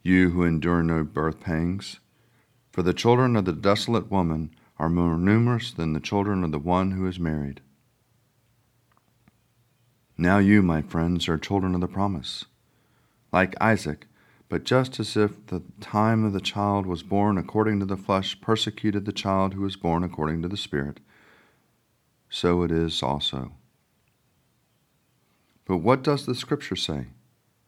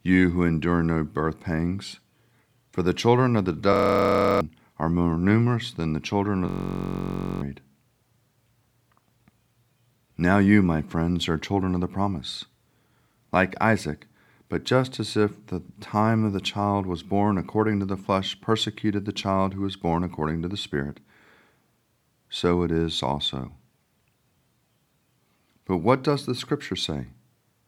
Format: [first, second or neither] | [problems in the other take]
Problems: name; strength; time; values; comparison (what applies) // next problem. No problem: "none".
first | audio freezing; at 3.5 s for 0.5 s and at 6.5 s for 1 s